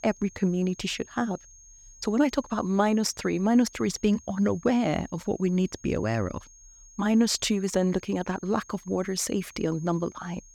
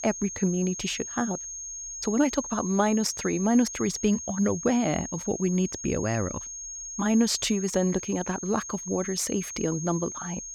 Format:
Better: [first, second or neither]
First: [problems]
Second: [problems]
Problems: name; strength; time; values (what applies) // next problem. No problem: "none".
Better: first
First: high-pitched whine; faint; throughout; 6.5 kHz, 25 dB below the speech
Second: high-pitched whine; loud; throughout; 6.5 kHz, 8 dB below the speech